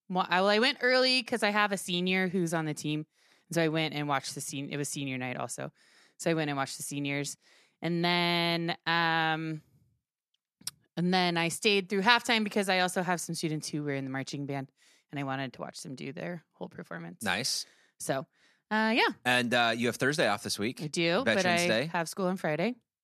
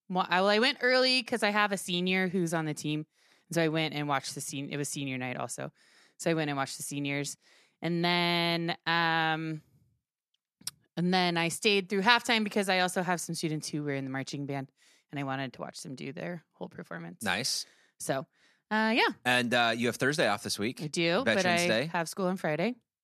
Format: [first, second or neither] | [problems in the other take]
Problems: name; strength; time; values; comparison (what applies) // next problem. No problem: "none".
neither | none